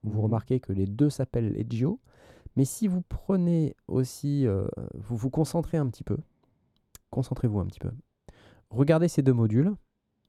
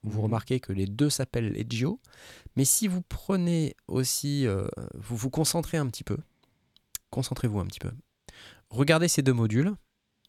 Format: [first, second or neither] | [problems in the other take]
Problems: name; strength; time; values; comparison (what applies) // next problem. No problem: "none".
second | muffled; slightly; fading above 1.5 kHz